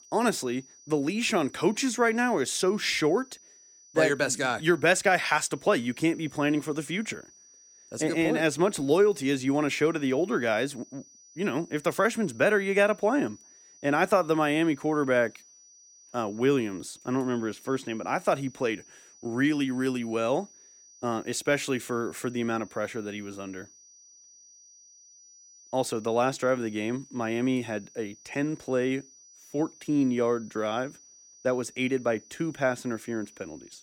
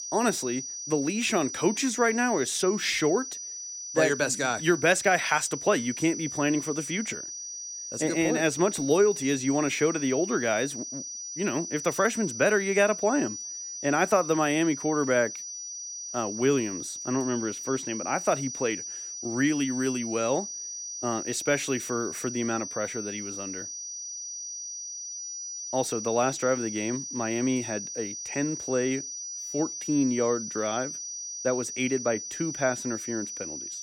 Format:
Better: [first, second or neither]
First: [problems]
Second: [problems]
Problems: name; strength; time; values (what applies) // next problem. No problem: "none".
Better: first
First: high-pitched whine; faint; throughout; 6 kHz, 25 dB below the speech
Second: high-pitched whine; loud; throughout; 6 kHz, 7 dB below the speech